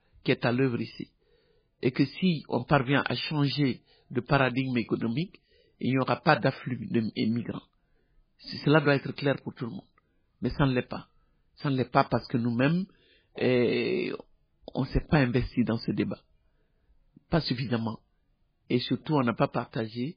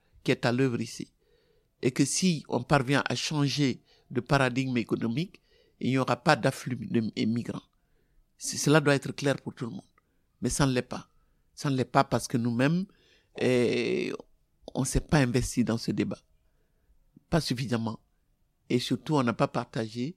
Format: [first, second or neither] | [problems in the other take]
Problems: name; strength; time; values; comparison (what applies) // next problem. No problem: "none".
second | garbled, watery; badly; nothing above 4.5 kHz